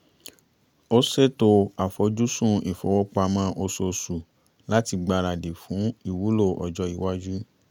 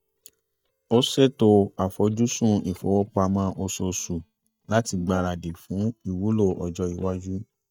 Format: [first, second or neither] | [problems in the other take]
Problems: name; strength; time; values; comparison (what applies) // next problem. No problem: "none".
first | noise reduction (neural mask model DeepFilterNet 3)